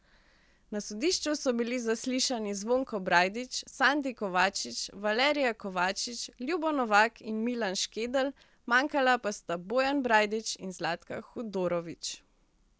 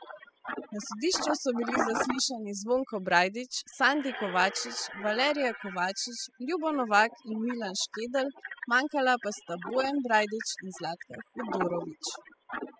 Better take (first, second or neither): first